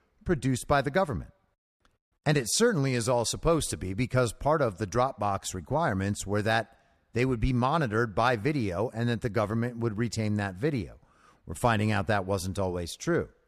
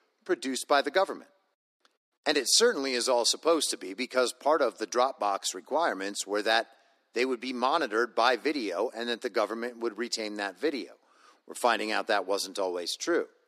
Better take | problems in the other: first | thin; somewhat; fading below 300 Hz

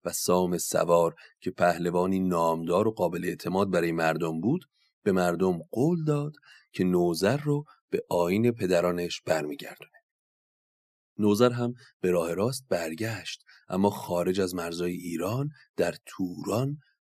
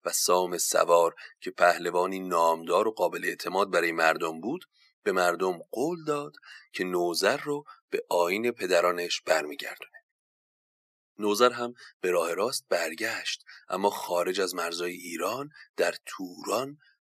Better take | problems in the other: first | thin; somewhat; fading below 450 Hz

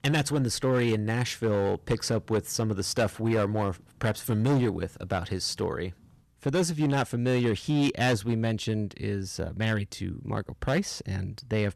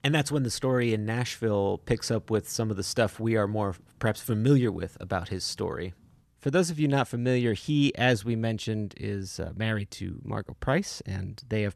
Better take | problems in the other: second | distortion; slight; 7% of the sound clipped

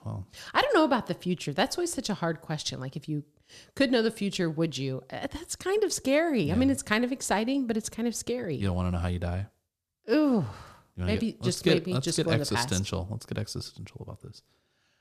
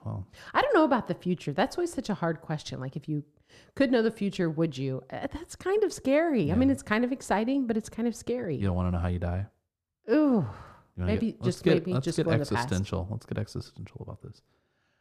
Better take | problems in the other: first | muffled; slightly; fading above 2.5 kHz

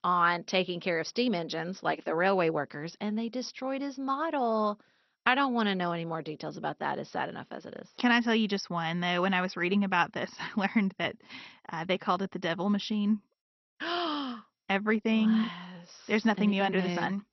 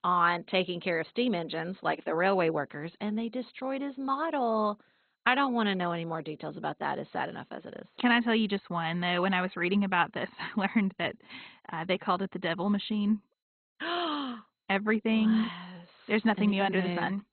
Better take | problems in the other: first | garbled, watery; badly; nothing above 4 kHz; slightly in the first

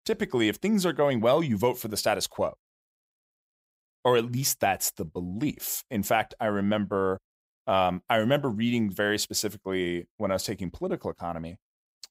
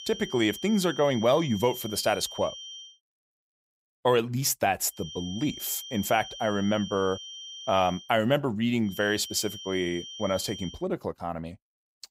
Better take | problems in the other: first | high-pitched whine; noticeable; until 3 s, from 5 to 8 s and from 9 to 11 s; 3 kHz, 10 dB below the speech

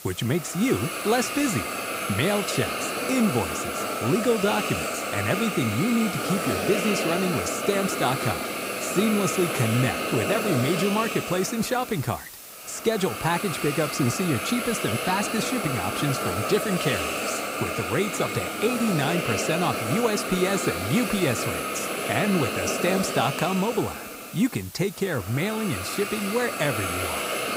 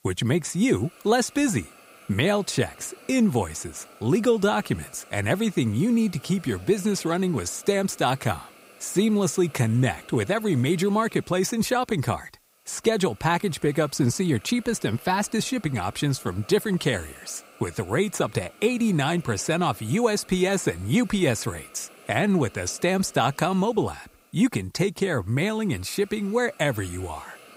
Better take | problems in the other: second | hiss; loud; throughout; 2 dB below the speech; faint in the second

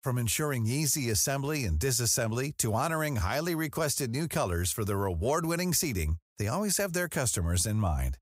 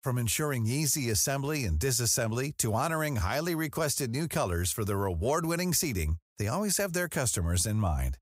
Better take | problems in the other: neither | none

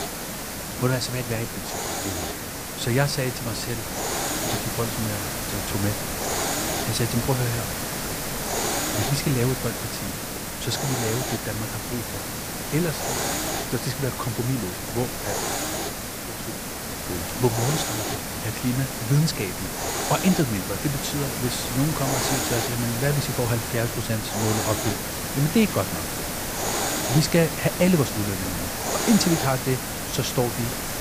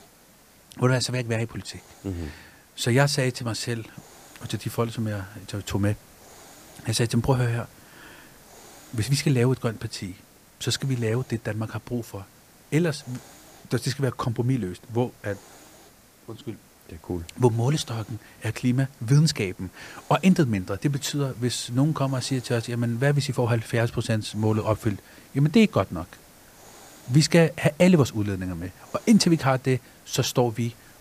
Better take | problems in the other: second | hiss; loud; throughout; 1 dB below the speech; faint in the second

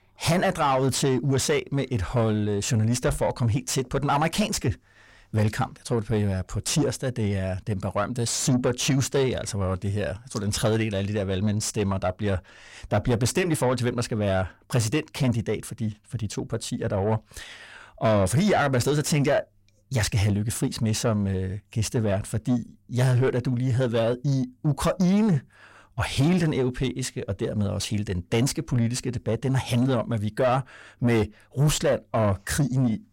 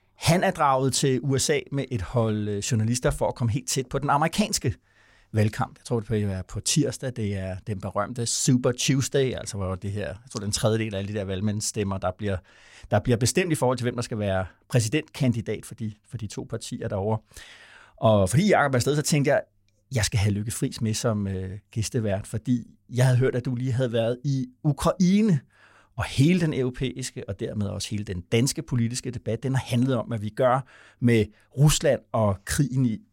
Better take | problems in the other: second | distortion; slight; 10 dB below the speech

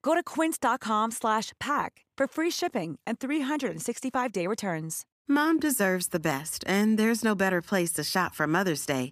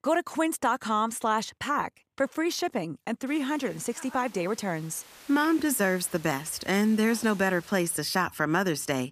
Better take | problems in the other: first | hiss; faint; from 3.5 to 8 s; 20 dB below the speech

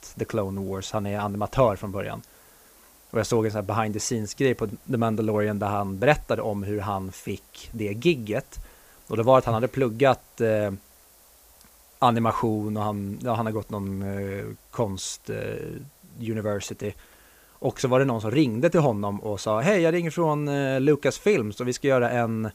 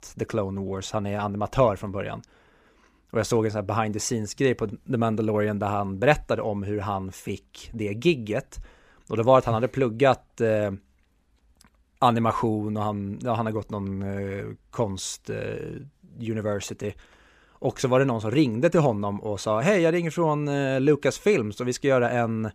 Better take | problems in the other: second | hiss; faint; throughout; 30 dB below the speech

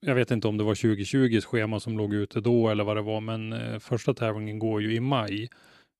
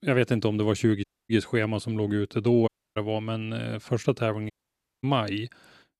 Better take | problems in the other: first | audio cutting out; at 1 s, at 2.5 s and at 4.5 s for 0.5 s

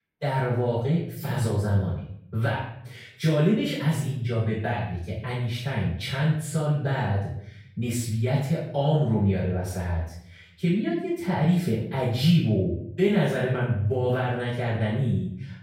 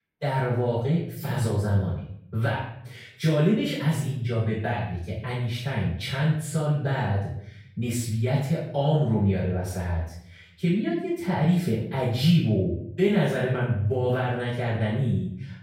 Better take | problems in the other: neither | room echo; noticeable; dies away in 0.6 s; the same in both // off-mic speech; far; the same in both

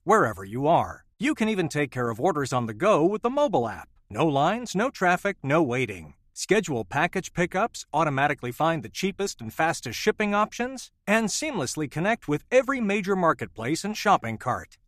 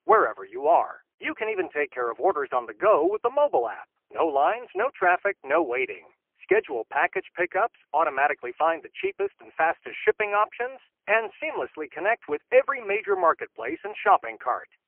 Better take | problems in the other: first | phone-call audio; poor line; nothing above 2.5 kHz

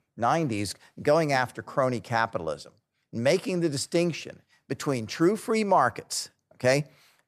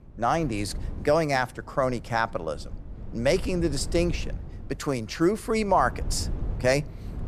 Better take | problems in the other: first | wind noise on the microphone; occasional gusts; 25 dB below the speech

